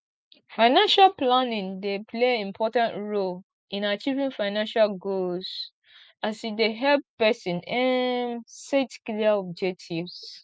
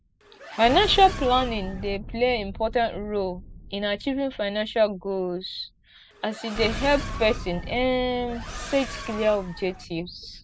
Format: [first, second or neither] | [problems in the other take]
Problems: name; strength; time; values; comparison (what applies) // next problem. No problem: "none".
first | background sound (Accelerating, revving, vroom + Explosion); 10 dB below the speech